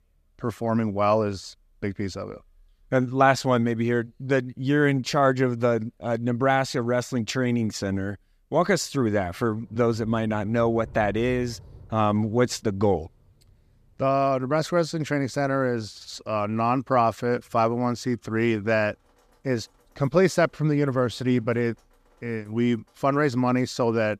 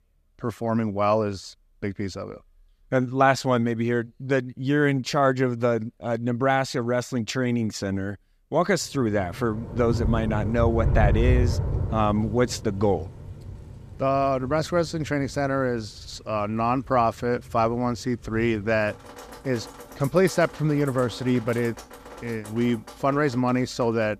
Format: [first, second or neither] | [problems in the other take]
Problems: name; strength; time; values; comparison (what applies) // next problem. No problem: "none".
first | rain or running water; loud; from 9.5 s on; 7 dB below the speech; faint in the first